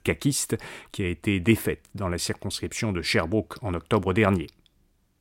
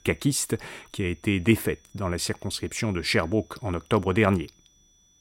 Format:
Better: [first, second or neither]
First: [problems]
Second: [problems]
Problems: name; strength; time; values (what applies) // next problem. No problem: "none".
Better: first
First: none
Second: high-pitched whine; faint; throughout; 6 kHz, 30 dB below the speech